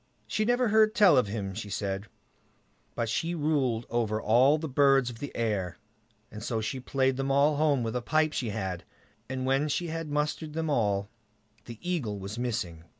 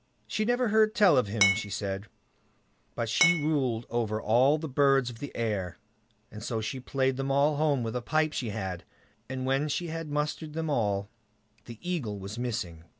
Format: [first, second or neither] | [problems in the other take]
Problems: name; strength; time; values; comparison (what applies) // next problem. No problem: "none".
first | background sound (Glass); 2 dB above the speech